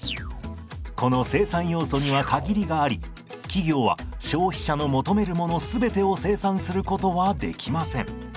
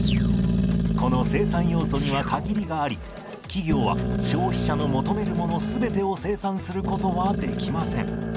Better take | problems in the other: first | background sound (Growling); 2 dB above the speech

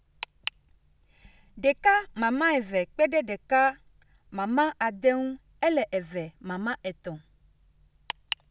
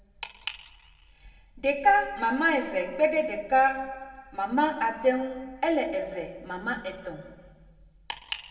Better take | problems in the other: first | room echo; dies away in 1.4 s

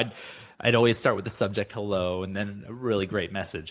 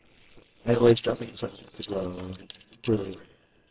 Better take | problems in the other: first | noise reduction (neural separator model SepFormer WHAMR!)

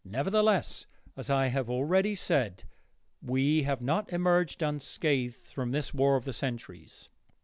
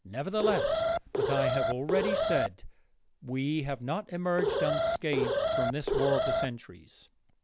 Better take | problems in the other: first | background sound (Alarm); 4 dB above the speech

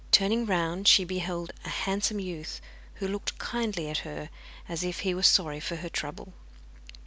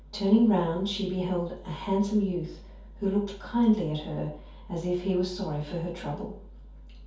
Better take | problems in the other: first | room echo; dies away in 0.6 s

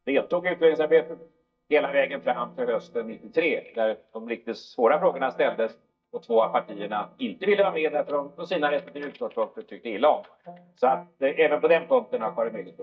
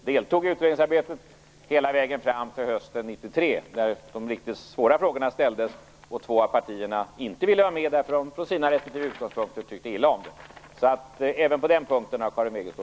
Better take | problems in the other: second | noise reduction (neural mask model DeepFilterNet 3)

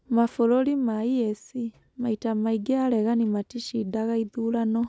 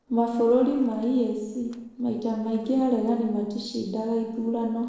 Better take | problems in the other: first | noise reduction (neural separator model SepFormer DNS4)

